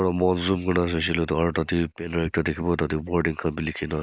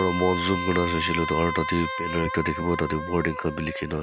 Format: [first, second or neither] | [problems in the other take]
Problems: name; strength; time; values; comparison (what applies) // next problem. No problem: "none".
first | background sound (Wind instrument, woodwind instrument); 5 dB below the speech